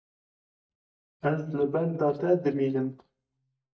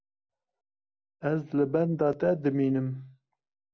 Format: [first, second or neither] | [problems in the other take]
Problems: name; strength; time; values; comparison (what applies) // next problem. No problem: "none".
second | noise reduction (neural mask model DeepFilterNet 3)